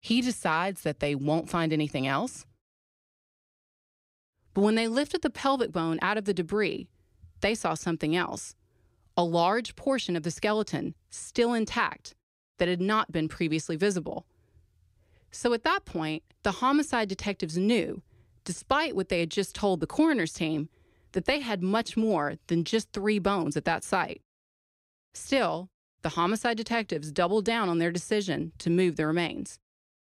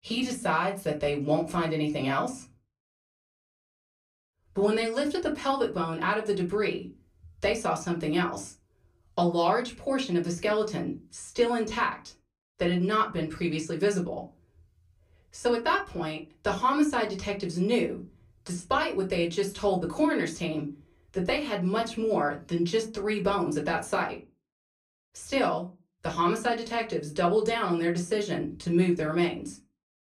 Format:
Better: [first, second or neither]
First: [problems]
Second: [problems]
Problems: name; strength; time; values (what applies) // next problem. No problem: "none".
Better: first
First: none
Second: off-mic speech; far // room echo; very slight; dies away in 0.2 s